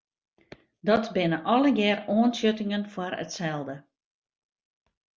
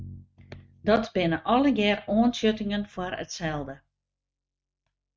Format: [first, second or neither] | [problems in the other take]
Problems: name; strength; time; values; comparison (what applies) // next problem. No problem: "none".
first | noise reduction (neural mask model RNNoise)